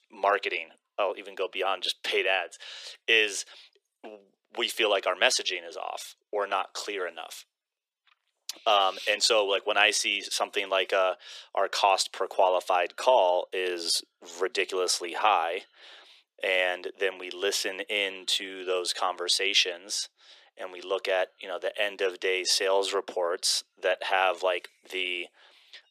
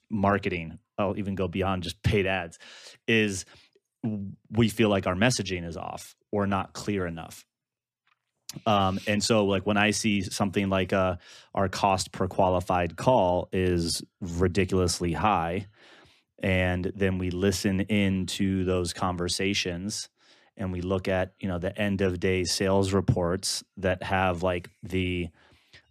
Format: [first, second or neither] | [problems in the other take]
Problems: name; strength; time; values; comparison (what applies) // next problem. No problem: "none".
second | thin; very; fading below 400 Hz